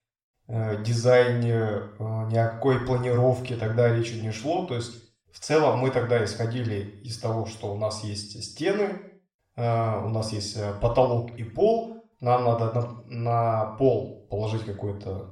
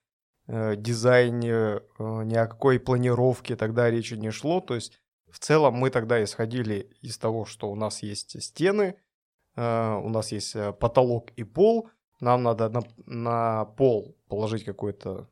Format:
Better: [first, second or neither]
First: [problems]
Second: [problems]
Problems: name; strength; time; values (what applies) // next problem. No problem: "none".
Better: second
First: room echo; noticeable; dies away in 0.5 s // off-mic speech; far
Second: none